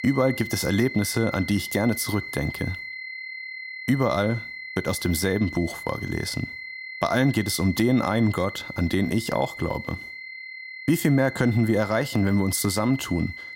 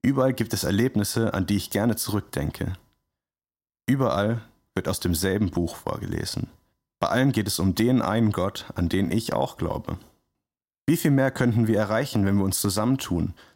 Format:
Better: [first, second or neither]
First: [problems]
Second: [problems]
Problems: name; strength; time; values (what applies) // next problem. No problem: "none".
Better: second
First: high-pitched whine; noticeable; throughout; 2 kHz, 10 dB below the speech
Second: none